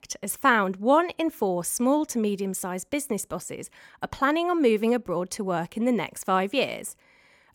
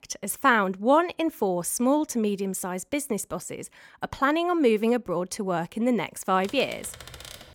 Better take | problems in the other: first | keyboard typing; faint; from 6.5 s on; peak 15 dB below the speech

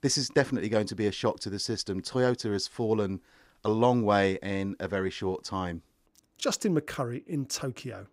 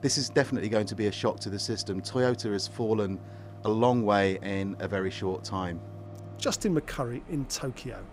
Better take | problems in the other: first | machinery noise; noticeable; throughout; 15 dB below the speech

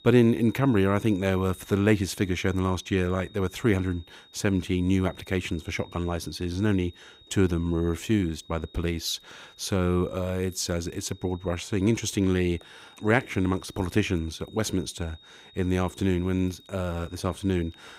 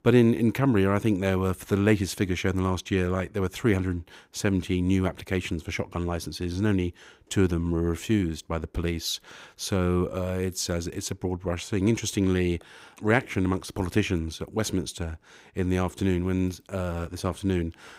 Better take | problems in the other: second | high-pitched whine; faint; throughout; 3.5 kHz, 25 dB below the speech

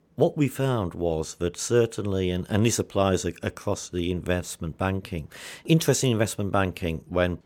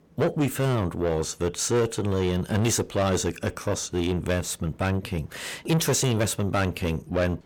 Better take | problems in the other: first | distortion; heavy; 8 dB below the speech

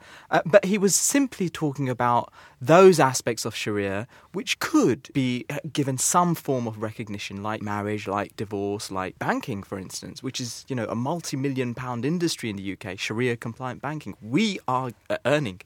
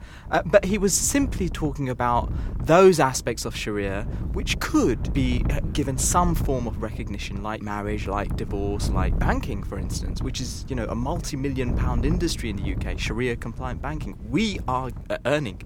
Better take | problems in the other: first | wind noise on the microphone; occasional gusts; 15 dB below the speech

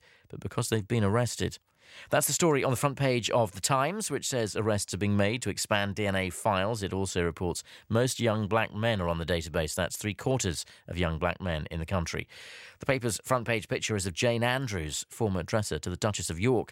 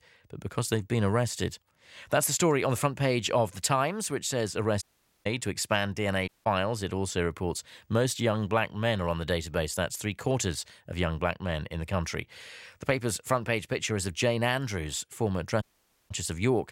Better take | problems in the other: first | audio cutting out; at 5 s, at 6.5 s and at 16 s

